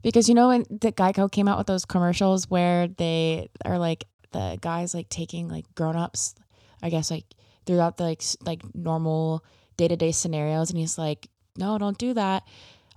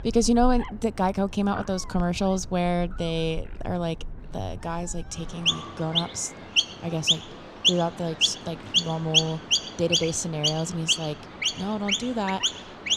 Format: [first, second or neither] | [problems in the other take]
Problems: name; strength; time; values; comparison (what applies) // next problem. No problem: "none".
first | animal sounds; very loud; throughout; 3 dB above the speech